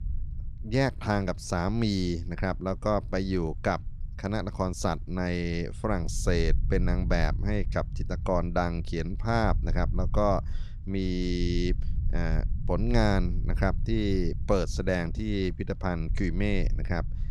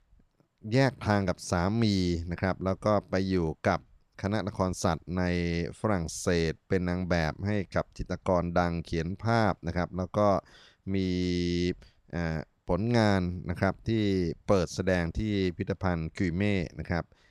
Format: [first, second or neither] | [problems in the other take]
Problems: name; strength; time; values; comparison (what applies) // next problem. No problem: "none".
second | low rumble; faint; throughout; 20 dB below the speech